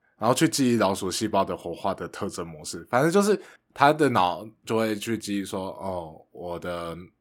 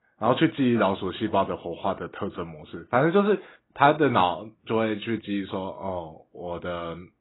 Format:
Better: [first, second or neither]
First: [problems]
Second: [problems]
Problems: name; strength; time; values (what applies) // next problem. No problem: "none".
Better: first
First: none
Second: garbled, watery; badly; nothing above 4 kHz